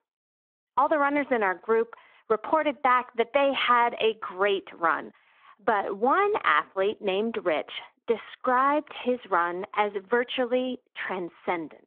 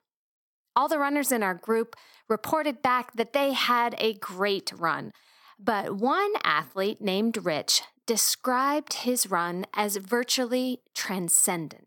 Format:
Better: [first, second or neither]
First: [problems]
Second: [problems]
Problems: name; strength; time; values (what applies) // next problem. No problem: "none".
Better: second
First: phone-call audio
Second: none